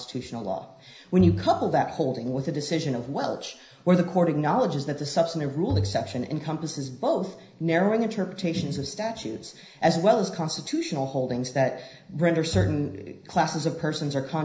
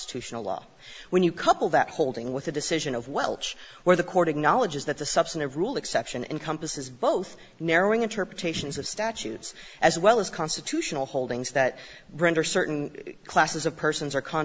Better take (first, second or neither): second